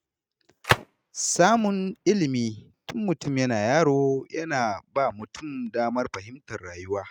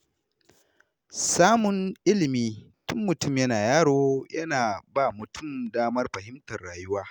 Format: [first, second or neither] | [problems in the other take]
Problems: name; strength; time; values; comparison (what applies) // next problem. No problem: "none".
second | noise reduction (neural mask model RNNoise)